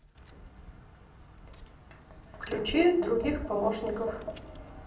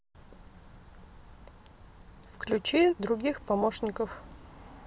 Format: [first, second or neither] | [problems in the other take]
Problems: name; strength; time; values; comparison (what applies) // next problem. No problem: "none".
second | background sound (Tap); 12 dB below the speech // room echo; dies away in 0.6 s